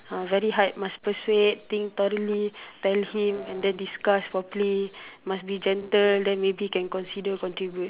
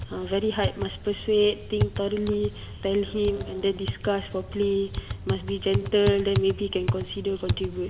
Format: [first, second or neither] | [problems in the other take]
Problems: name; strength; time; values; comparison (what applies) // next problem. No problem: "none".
first | background sound (Typing); 6 dB below the speech // room echo; dies away in 1.1 s